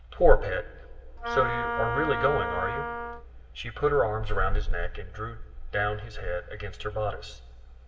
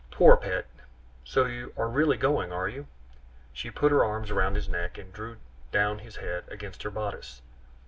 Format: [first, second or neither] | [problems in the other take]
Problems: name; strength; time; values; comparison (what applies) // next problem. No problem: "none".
second | background sound (Wind instrument, woodwind instrument); 5 dB below the speech // room echo; dies away in 1.6 s